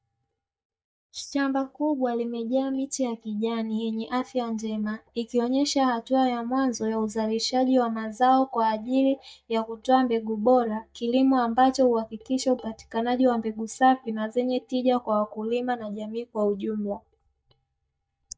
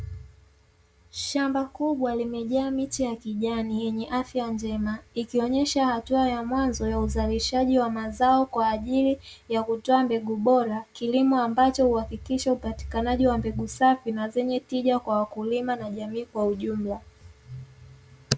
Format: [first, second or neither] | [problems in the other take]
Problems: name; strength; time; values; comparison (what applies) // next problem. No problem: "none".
second | noise reduction (neural mask model DeepFilterNet 3)